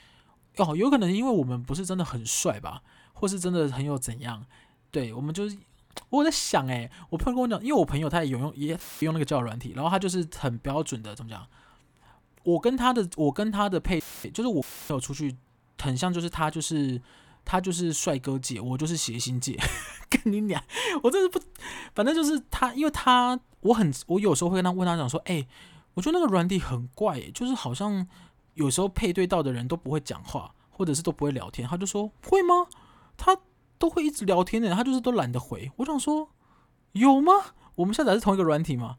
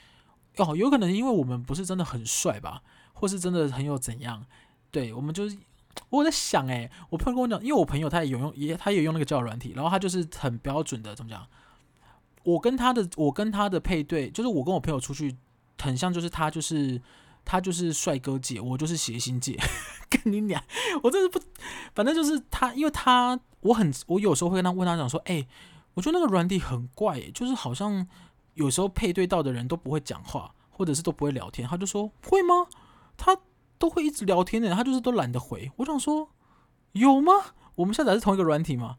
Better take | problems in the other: second | audio cutting out; filled with static; at 9 s, at 14 s and at 15 s

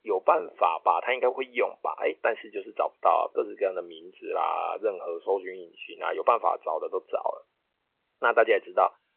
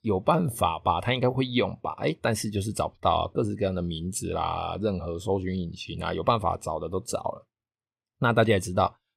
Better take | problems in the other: second | phone-call audio

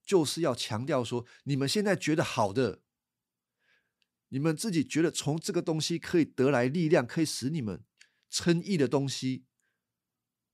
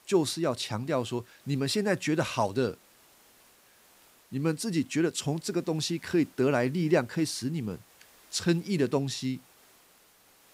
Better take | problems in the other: first | hiss; faint; throughout; 30 dB below the speech

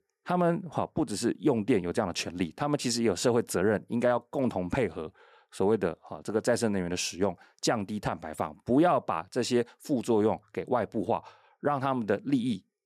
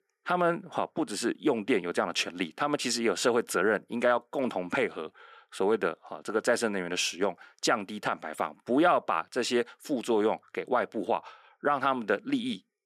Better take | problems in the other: first | thin; very slightly; fading below 250 Hz

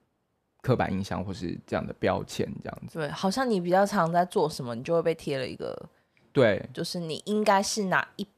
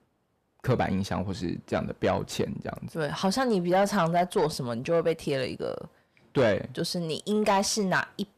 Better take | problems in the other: first | distortion; slight; 10 dB below the speech

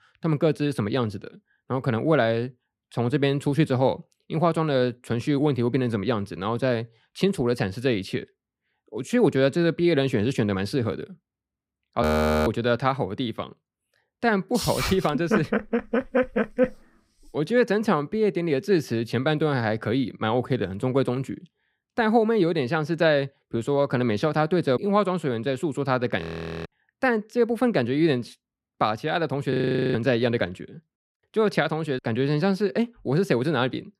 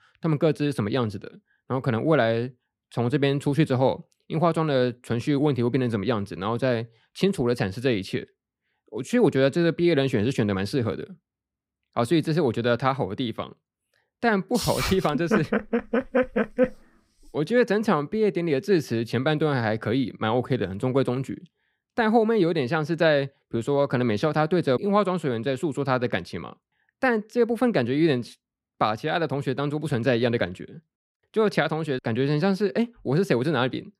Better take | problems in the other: second | audio freezing; at 12 s, at 26 s and at 30 s

